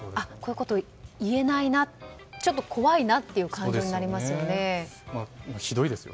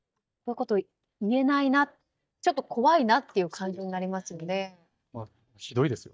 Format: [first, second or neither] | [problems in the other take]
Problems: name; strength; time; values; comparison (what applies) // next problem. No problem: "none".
first | noise reduction (neural mask model DeepFilterNet 3)